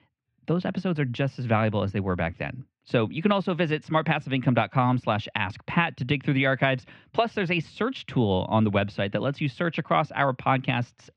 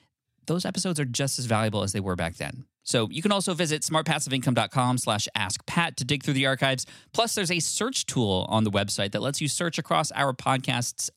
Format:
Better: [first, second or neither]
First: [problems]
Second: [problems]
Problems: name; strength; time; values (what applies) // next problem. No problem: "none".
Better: second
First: muffled; very; fading above 2.5 kHz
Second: none